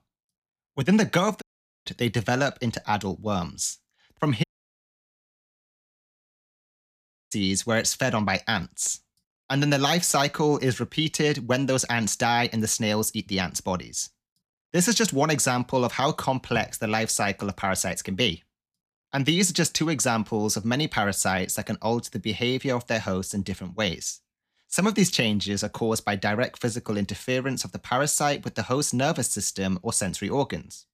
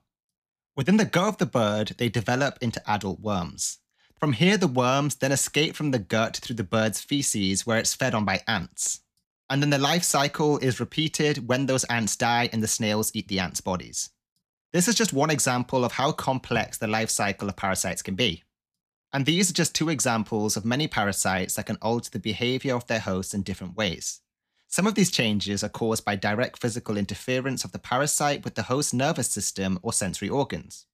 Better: second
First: audio cutting out; at 1.5 s and at 4.5 s for 3 s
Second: none

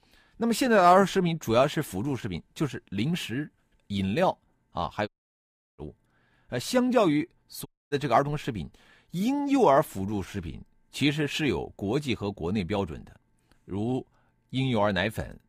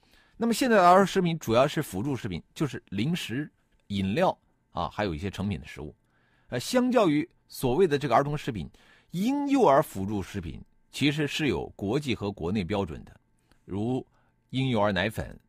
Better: second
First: audio cutting out; at 5 s for 0.5 s and at 7.5 s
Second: none

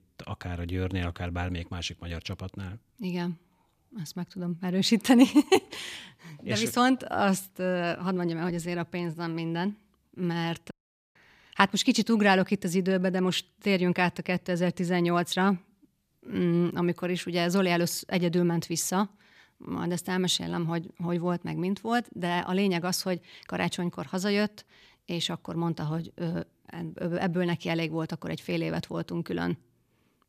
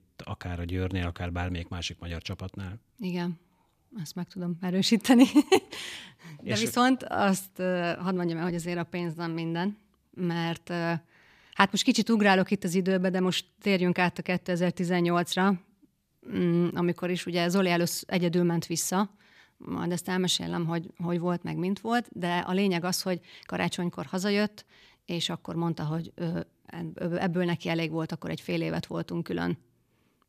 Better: second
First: audio cutting out; at 11 s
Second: none

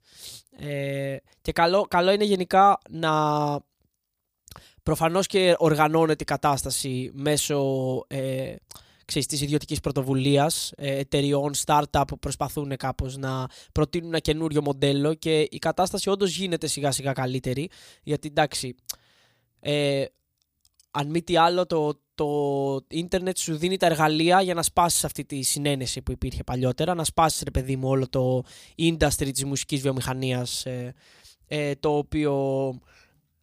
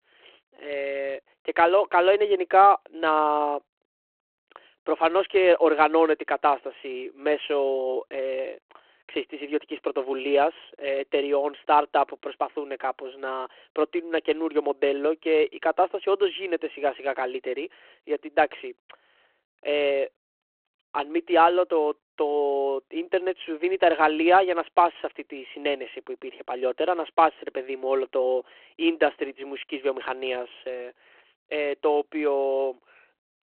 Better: first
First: none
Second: phone-call audio

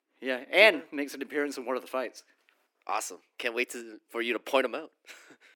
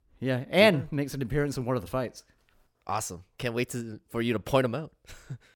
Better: second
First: thin; somewhat; fading below 300 Hz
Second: none

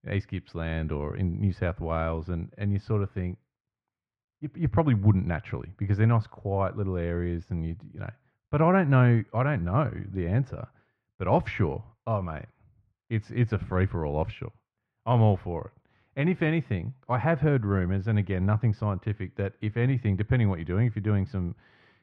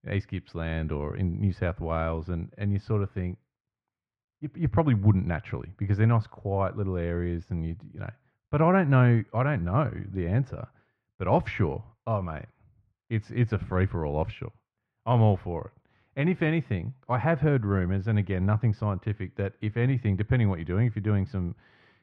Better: neither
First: muffled; very; fading above 1.5 kHz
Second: muffled; very; fading above 1.5 kHz

